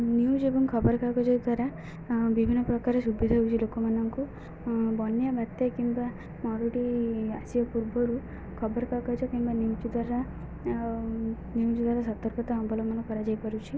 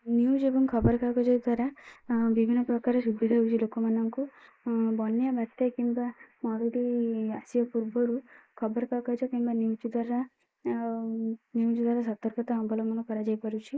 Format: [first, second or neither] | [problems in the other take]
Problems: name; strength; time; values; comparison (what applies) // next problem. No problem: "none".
first | noise reduction (neural mask model Resemble Enhance denoiser)